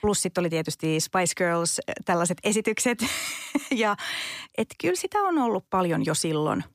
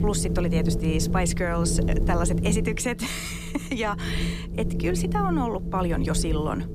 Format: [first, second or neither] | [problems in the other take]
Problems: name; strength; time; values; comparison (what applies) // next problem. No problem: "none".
first | wind noise on the microphone; heavy; 7 dB below the speech